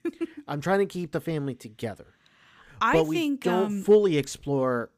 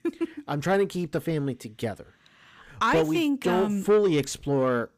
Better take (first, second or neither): first